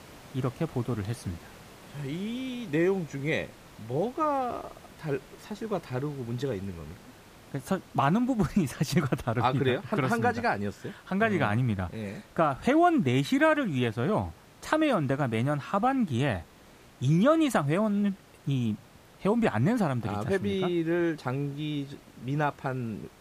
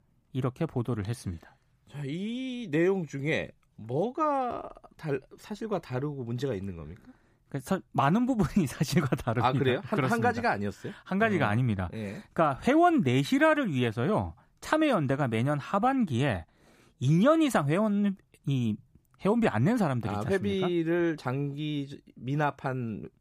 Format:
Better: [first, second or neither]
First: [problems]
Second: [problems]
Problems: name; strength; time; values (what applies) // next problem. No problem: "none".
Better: second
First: hiss; faint; throughout; 25 dB below the speech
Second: none